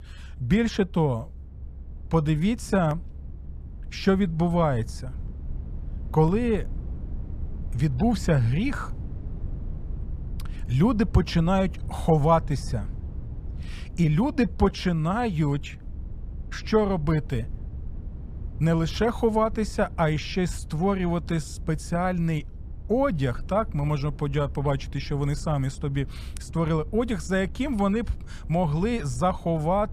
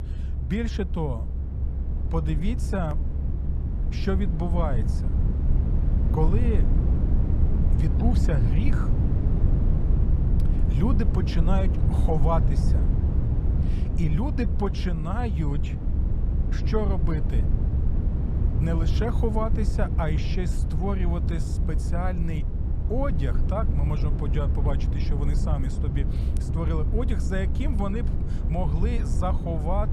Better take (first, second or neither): first